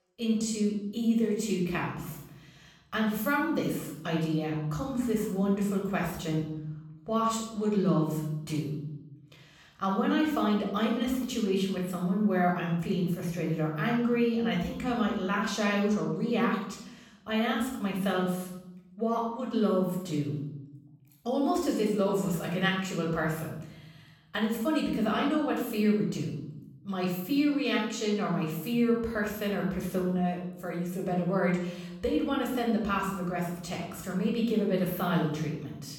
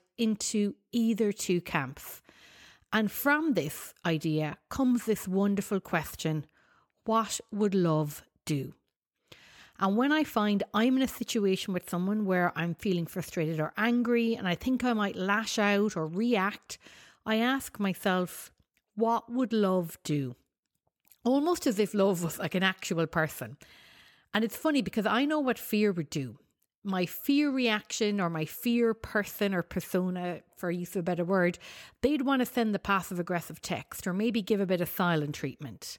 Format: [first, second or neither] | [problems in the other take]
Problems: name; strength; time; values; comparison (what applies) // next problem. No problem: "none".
second | off-mic speech; far // room echo; noticeable; dies away in 0.9 s